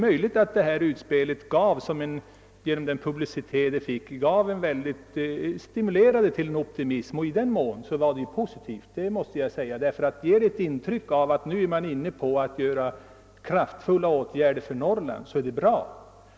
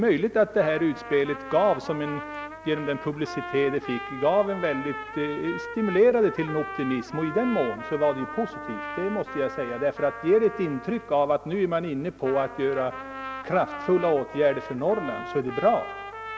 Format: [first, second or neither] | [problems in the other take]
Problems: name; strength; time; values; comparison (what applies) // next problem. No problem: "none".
first | background sound (Trumpet); 11 dB below the speech